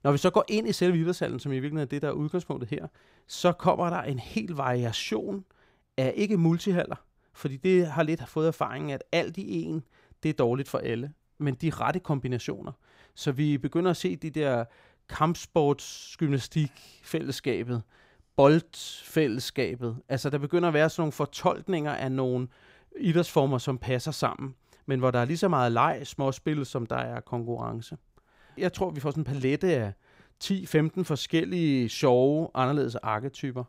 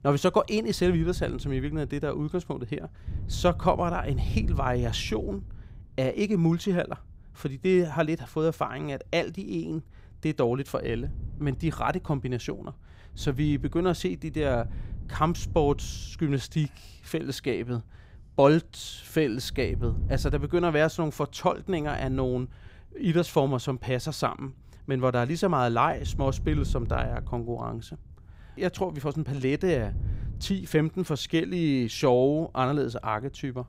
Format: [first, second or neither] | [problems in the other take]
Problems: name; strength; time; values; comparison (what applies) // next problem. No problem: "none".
first | wind noise on the microphone; occasional gusts; 20 dB below the speech